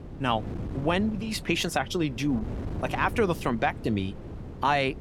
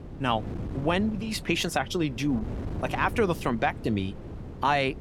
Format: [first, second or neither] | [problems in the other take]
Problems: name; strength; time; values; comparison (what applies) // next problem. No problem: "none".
neither | wind noise on the microphone; occasional gusts; 15 dB below the speech; the same in both